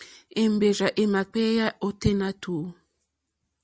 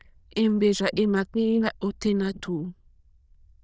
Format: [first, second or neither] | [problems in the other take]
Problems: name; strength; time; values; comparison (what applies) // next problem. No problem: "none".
first | noise reduction (neural diffusion model UNIVERSE++)